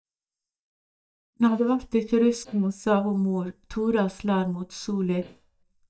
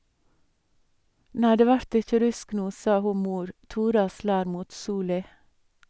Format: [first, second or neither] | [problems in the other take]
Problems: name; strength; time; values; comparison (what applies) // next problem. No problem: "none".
second | noise reduction (neural mask model DeepFilterNet 3)